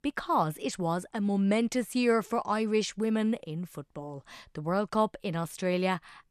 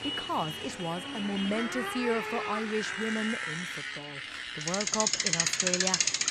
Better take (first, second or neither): first